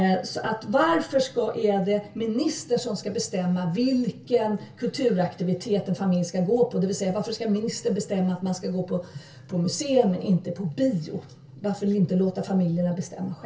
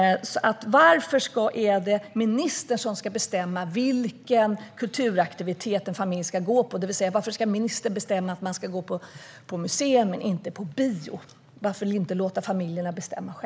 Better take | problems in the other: second | room echo; dies away in 0.2 s

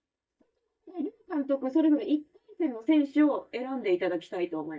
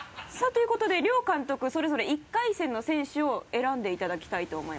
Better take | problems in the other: second | noise reduction (neural mask model DeepFilterNet 3)

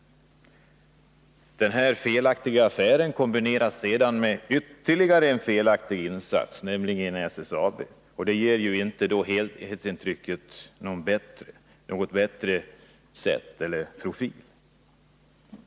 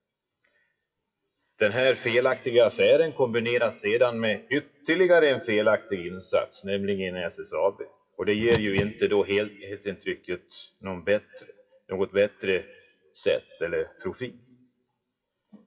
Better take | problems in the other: first | noise reduction (classical method WPE with log-MMSE)

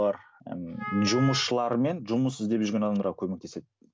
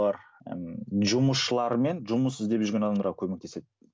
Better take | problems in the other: second | background sound (Wind instrument, woodwind instrument); 11 dB below the speech

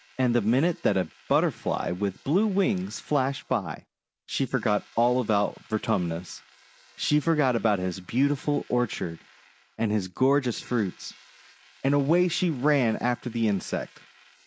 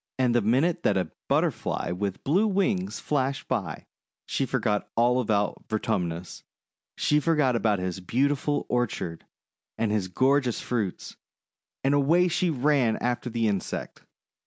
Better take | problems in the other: second | noise reduction (neural mask model Resemble Enhance denoiser)

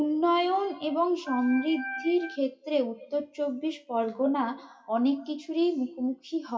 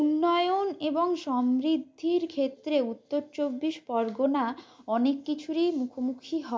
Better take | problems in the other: second | noise reduction (classical method WPE with log-MMSE)

